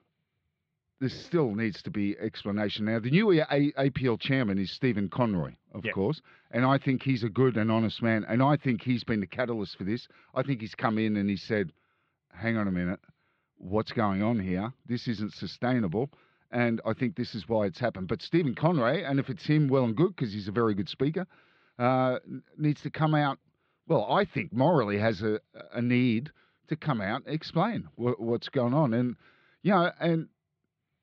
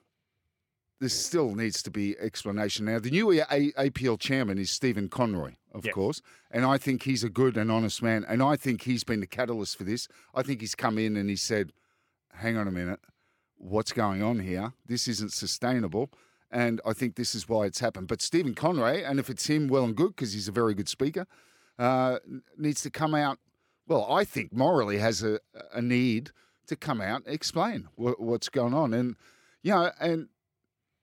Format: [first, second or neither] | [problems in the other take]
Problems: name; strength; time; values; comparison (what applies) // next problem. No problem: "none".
second | muffled; slightly; fading above 4 kHz